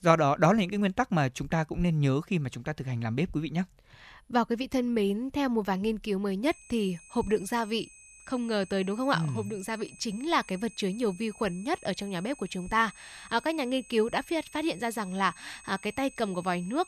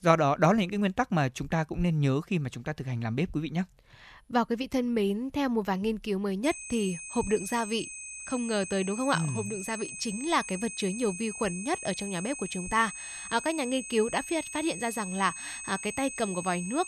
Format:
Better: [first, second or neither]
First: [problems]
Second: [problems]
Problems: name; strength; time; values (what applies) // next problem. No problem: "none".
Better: first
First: high-pitched whine; faint; from 6.5 s on; 8 kHz, 20 dB below the speech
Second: high-pitched whine; loud; from 6.5 s on; 8 kHz, 8 dB below the speech